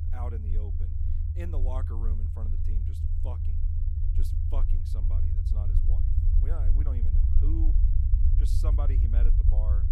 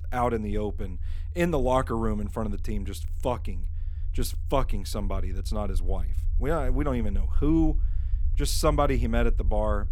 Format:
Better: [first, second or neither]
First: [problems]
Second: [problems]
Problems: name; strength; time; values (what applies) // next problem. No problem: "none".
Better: second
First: low rumble; loud; throughout; as loud as the speech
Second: low rumble; faint; throughout; 25 dB below the speech